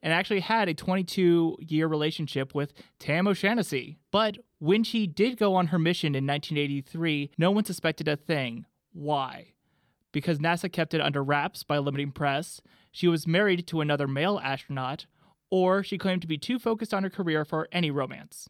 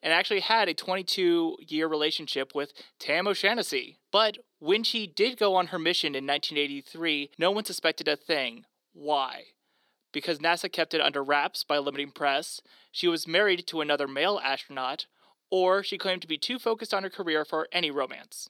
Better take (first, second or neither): first